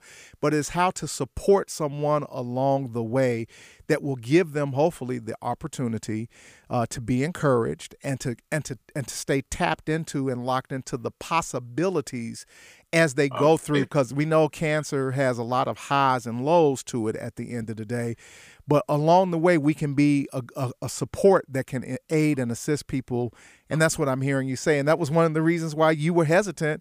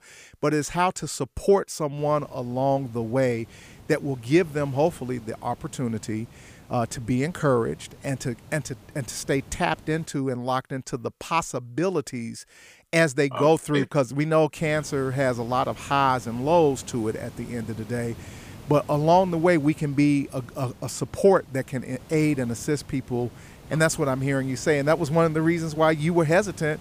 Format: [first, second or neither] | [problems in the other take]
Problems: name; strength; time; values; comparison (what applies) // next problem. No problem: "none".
first | hiss; faint; from 2 to 10 s and from 15 s on; 20 dB below the speech